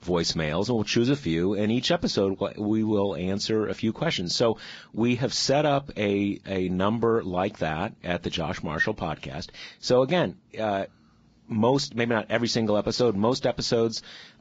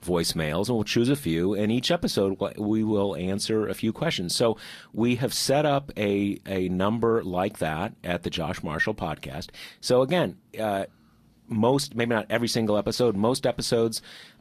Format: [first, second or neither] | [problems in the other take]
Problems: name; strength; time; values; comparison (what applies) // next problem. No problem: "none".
second | garbled, watery; badly; nothing above 7.5 kHz; slightly in the second